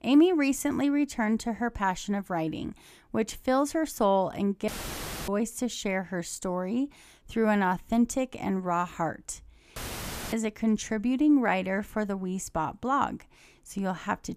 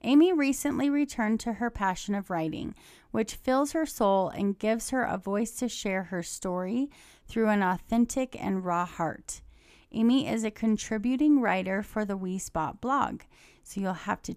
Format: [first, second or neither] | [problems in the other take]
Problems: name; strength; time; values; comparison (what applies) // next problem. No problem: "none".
second | audio cutting out; filled with static; at 4.5 s for 0.5 s and at 10 s for 0.5 s